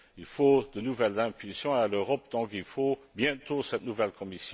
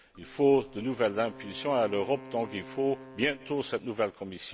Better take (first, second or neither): first